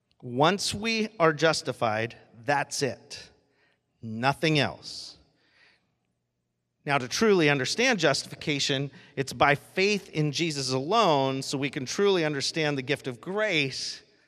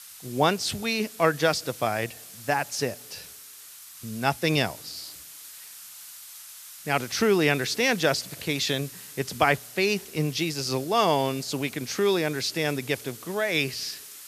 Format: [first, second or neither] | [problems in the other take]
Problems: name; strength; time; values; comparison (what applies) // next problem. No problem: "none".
first | hiss; noticeable; throughout; 15 dB below the speech